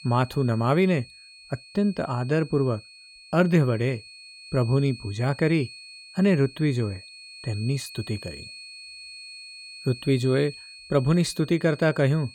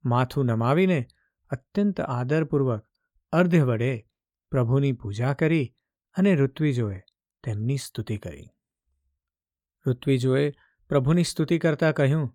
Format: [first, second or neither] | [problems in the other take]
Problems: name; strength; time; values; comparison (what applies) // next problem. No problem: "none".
second | high-pitched whine; noticeable; throughout; 4.5 kHz, 15 dB below the speech